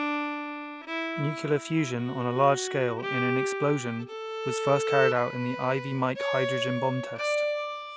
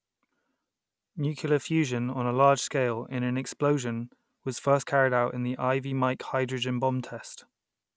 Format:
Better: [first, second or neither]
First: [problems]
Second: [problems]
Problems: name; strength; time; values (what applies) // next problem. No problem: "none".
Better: second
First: background sound (Bowed string instrument); 3 dB below the speech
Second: none